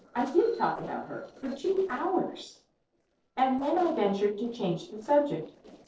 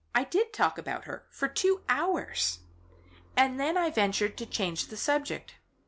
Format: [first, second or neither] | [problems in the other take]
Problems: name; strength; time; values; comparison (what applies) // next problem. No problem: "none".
second | noise reduction (neural separator model SepFormer DNS4)